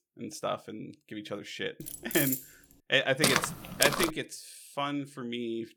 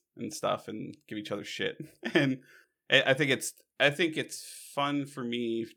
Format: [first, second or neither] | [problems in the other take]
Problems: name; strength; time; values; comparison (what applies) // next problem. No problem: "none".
second | jangling keys; loud; at 2 s; peak 3 dB above the speech // footsteps; loud; at 3 s; peak 6 dB above the speech